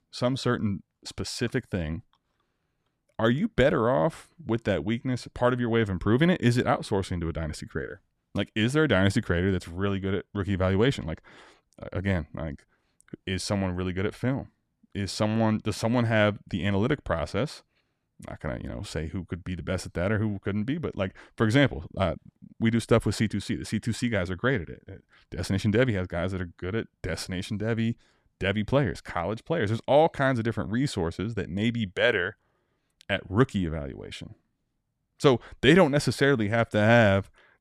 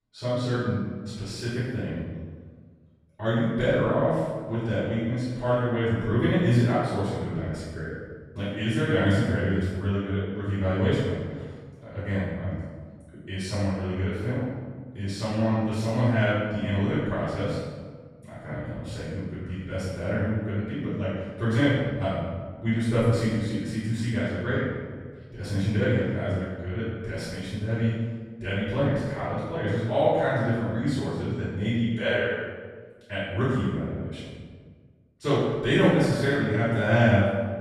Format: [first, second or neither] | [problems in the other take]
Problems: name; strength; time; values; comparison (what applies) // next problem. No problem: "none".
first | off-mic speech; far // room echo; strong; dies away in 1.3 s